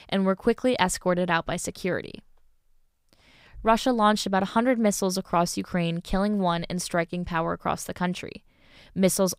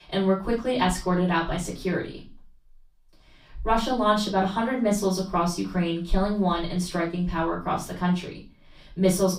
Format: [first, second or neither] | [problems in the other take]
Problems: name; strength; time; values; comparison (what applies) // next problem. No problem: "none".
first | room echo; slight; dies away in 0.4 s // off-mic speech; far